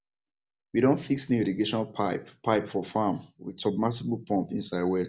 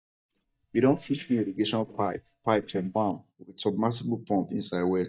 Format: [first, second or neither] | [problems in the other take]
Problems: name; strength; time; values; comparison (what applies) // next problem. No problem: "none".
first | noise reduction (neural mask model DeepFilterNet 3)